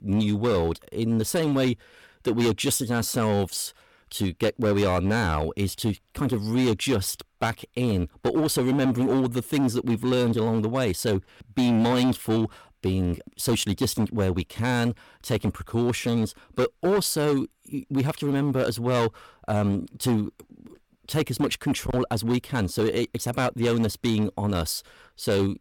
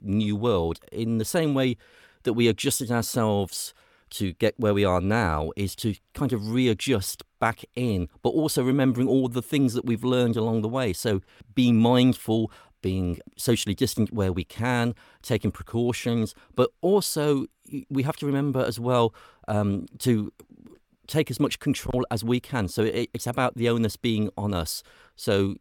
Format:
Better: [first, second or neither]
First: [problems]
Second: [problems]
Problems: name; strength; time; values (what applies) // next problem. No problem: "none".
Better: second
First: distortion; slight; 10% of the sound clipped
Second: none